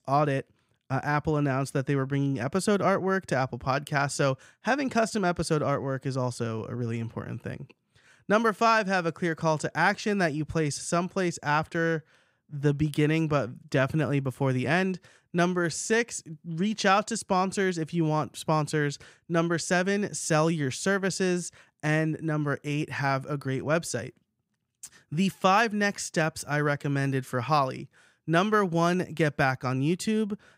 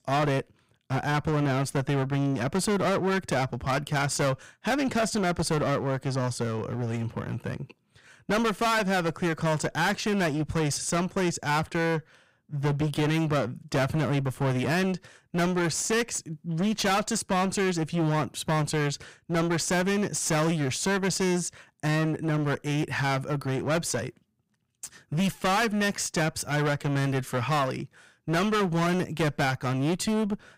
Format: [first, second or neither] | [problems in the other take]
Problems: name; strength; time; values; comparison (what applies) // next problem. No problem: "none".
first | distortion; heavy; 20% of the sound clipped